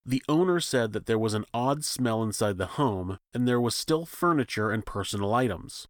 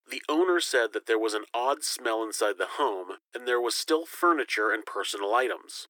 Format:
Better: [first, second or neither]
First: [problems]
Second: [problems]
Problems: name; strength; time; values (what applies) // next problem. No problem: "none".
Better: first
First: none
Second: thin; very; fading below 300 Hz